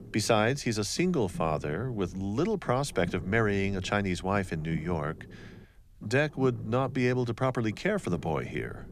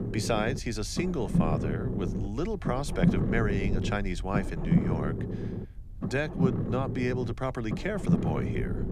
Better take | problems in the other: first | low rumble; loud; throughout; 5 dB below the speech; faint in the first

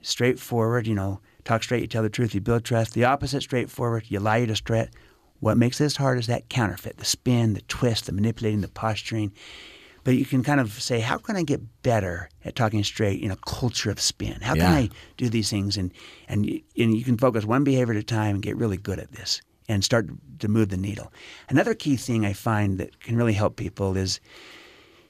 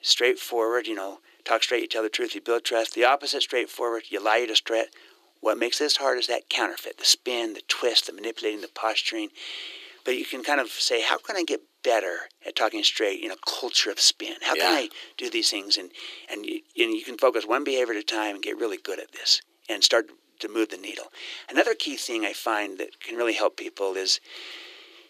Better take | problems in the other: first | thin; very; fading below 350 Hz

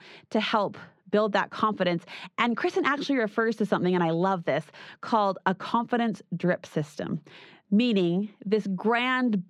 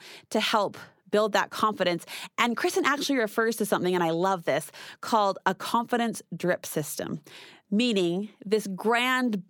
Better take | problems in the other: second | muffled; very slightly; fading above 3.5 kHz

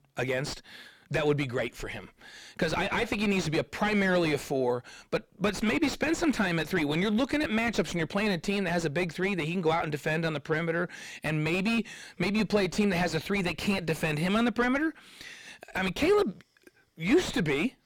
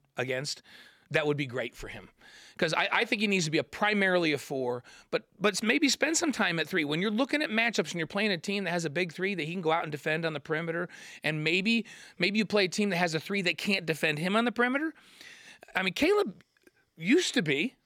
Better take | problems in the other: second | distortion; heavy; 5 dB below the speech

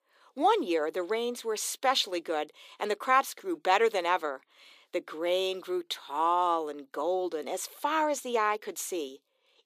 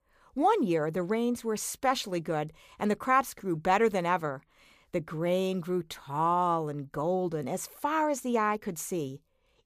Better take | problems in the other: second | thin; somewhat; fading below 300 Hz

